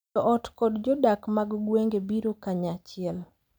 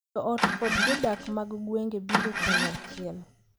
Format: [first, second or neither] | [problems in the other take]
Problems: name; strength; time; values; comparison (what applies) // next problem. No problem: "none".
first | background sound (Engine starting); 2 dB above the speech